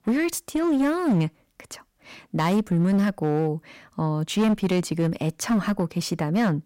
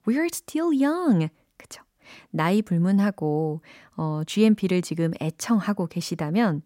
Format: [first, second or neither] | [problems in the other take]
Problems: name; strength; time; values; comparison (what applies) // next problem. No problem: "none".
second | distortion; slight; 14% of the sound clipped